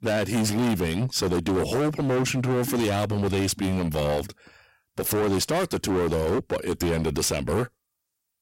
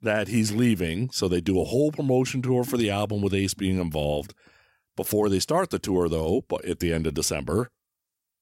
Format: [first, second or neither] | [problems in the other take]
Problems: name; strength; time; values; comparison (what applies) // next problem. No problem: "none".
second | distortion; heavy; 25% of the sound clipped